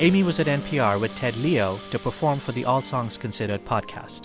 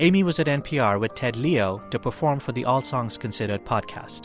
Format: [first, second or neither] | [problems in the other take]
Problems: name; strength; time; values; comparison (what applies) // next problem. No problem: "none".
second | background sound (Rattle (instrument) + Keyboard (musical)); 15 dB below the speech